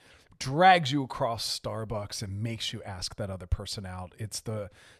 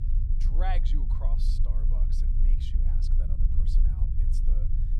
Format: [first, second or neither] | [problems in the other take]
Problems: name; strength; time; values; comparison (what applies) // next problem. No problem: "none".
first | low rumble; loud; throughout; 5 dB below the speech